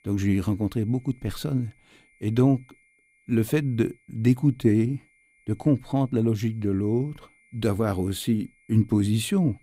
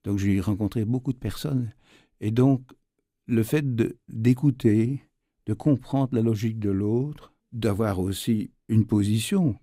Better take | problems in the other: second | high-pitched whine; faint; throughout; 2 kHz, 35 dB below the speech

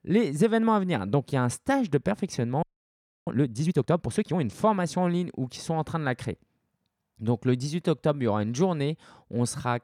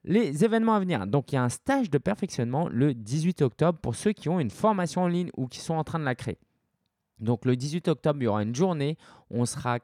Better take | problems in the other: second | audio freezing; at 2.5 s for 0.5 s

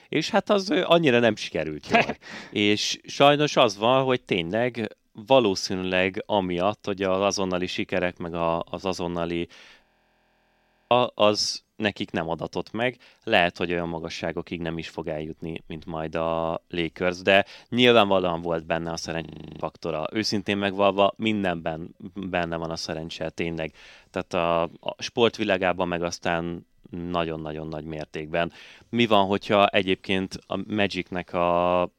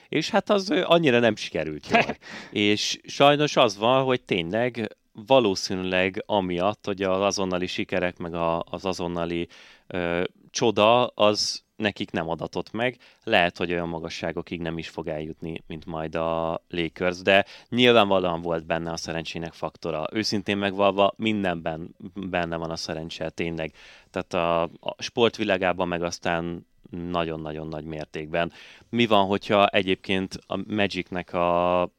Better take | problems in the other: second | audio freezing; at 10 s for 1 s and at 19 s

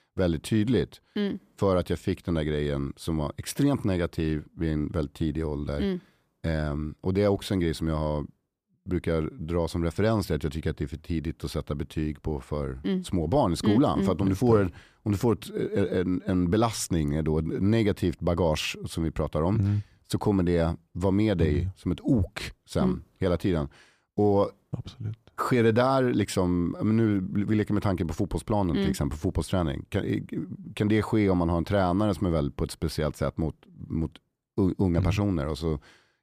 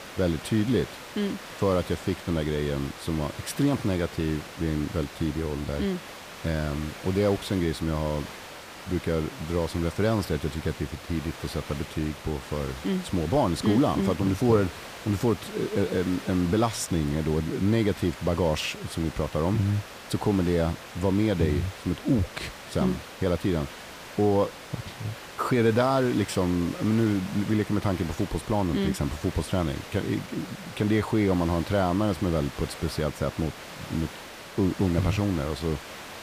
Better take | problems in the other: first | hiss; noticeable; throughout; 15 dB below the speech

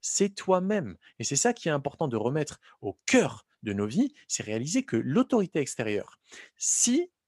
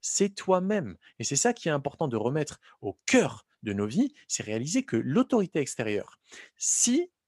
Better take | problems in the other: neither | none

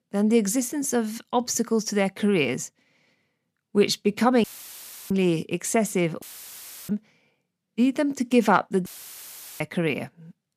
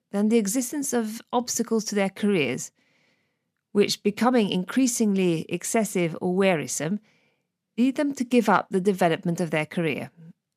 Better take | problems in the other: second | audio cutting out; filled with static; at 4.5 s for 0.5 s, at 6 s for 0.5 s and at 9 s for 0.5 s

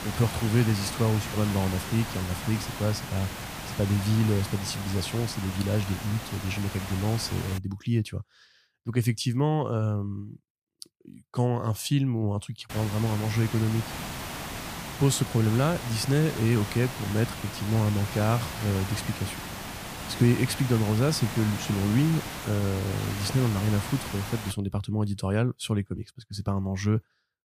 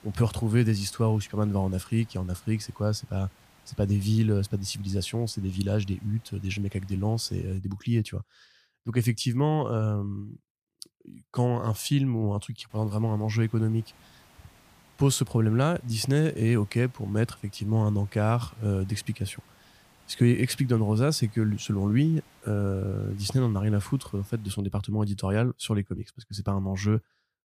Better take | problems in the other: second | hiss; loud; until 7.5 s and from 13 to 25 s; 8 dB below the speech; faint in the second

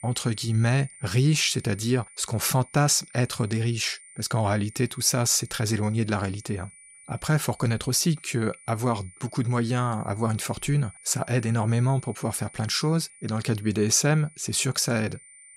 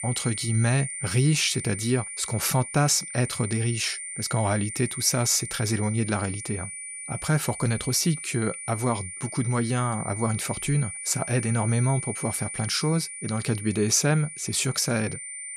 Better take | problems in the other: first | high-pitched whine; loud; throughout; 9 kHz, 8 dB below the speech; faint in the first

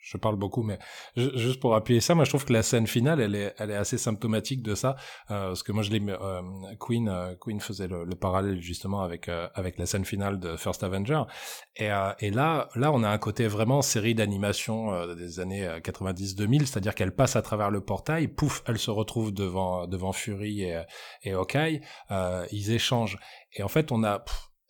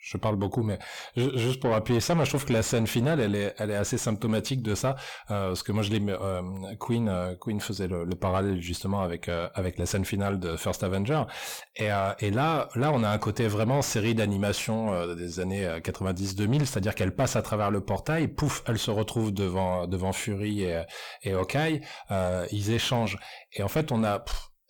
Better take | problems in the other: first | distortion; slight; 10 dB below the speech

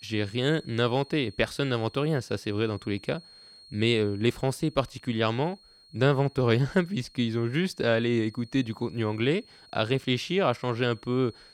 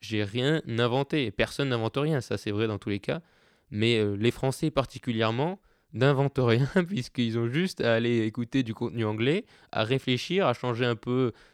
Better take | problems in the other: second | high-pitched whine; faint; throughout; 4.5 kHz, 25 dB below the speech

